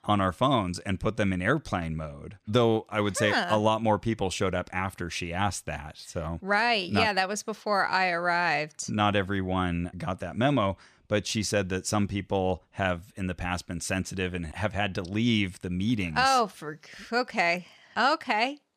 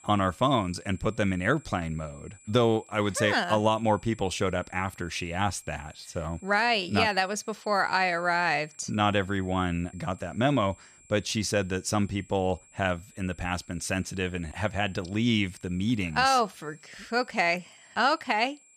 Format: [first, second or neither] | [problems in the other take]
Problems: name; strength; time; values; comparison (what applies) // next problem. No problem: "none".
first | high-pitched whine; faint; throughout; 7.5 kHz, 25 dB below the speech